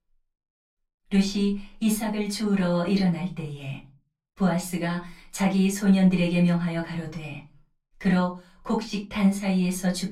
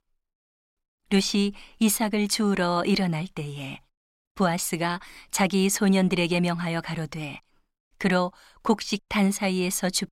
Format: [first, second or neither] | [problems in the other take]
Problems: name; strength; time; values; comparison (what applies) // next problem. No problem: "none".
second | off-mic speech; far // room echo; very slight; dies away in 0.3 s